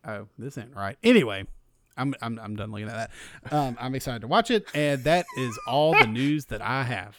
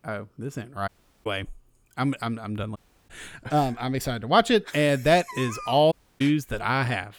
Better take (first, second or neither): first